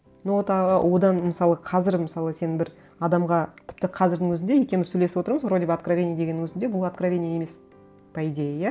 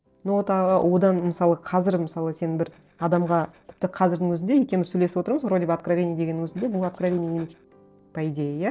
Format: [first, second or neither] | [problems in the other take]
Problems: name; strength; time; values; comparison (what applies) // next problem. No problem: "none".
first | noise reduction (neural separator model SepFormer DNS4)